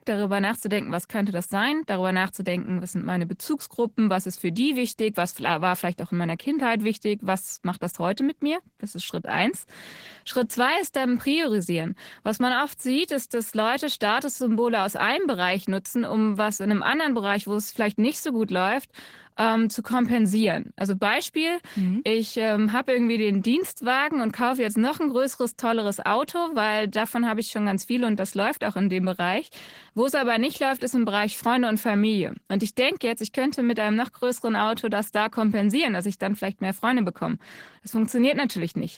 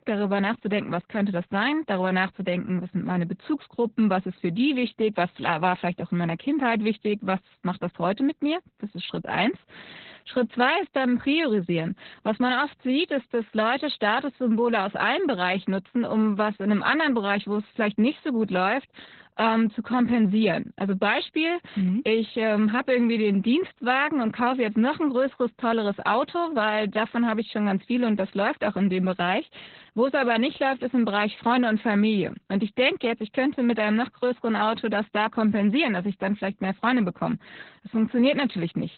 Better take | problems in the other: first | garbled, watery; badly; nothing above 4 kHz; slightly in the first

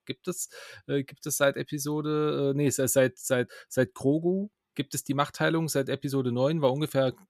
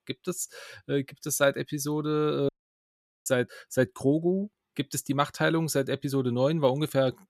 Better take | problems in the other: first | audio cutting out; at 2.5 s for 1 s

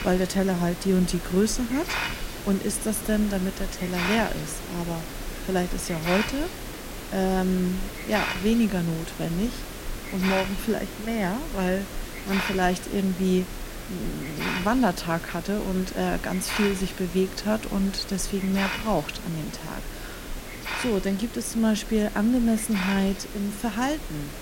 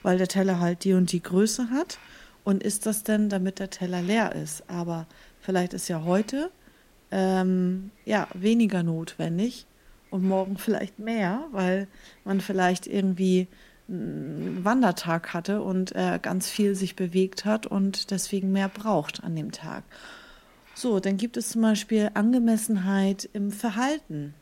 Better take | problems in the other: second | hiss; loud; throughout; 7 dB below the speech; faint in the second

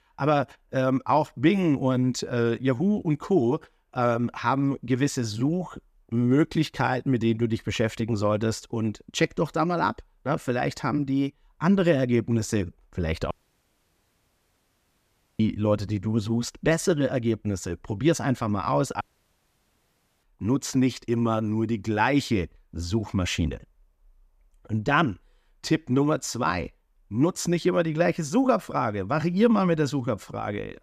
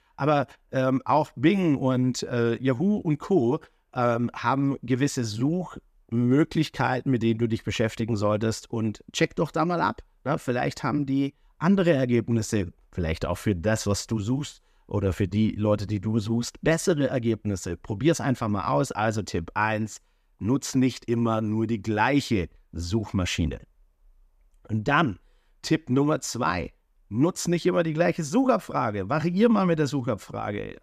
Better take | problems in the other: second | audio cutting out; at 13 s for 2 s and at 19 s for 1 s

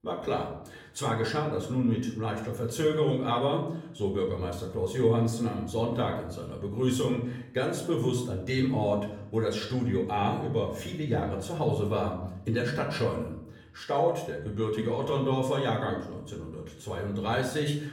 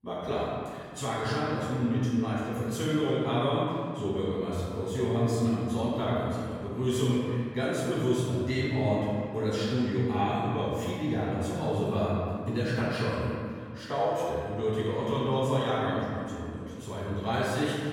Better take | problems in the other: first | room echo; strong; dies away in 2.2 s; slight in the first // off-mic speech; far; somewhat distant in the first

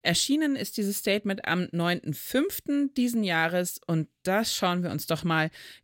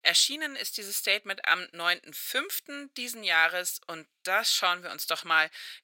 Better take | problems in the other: first | thin; very; fading below 850 Hz

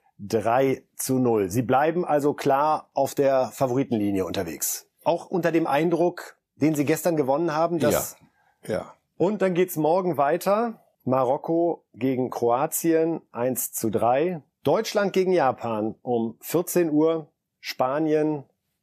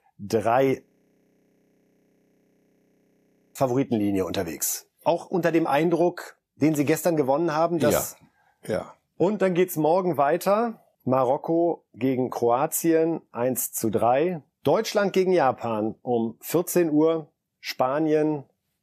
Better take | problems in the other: first | audio freezing; at 1 s for 2.5 s

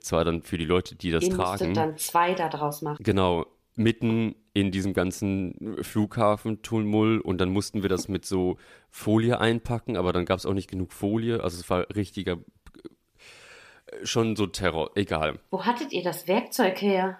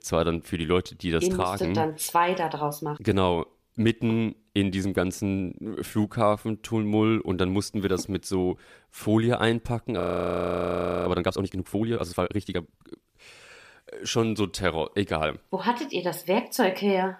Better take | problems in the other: first | audio freezing; at 10 s for 1 s

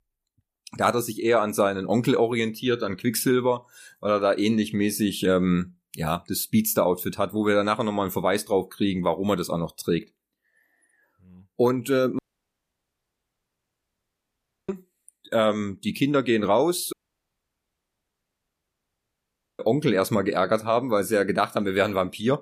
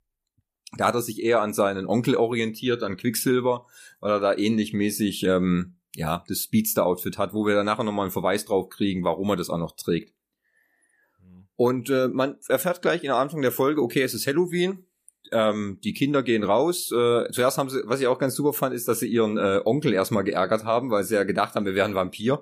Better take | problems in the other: second | audio cutting out; at 12 s for 2.5 s and at 17 s for 2.5 s

